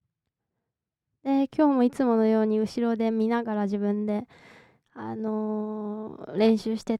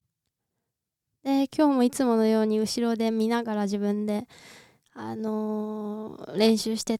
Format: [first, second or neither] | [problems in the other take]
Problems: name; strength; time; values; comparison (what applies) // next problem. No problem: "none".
second | muffled; slightly; fading above 3.5 kHz